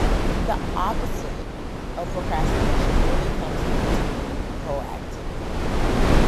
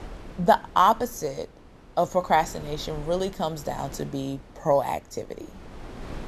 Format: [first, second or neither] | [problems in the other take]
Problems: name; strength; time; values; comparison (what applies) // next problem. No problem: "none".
second | wind noise on the microphone; heavy; 2 dB above the speech; occasional gusts in the second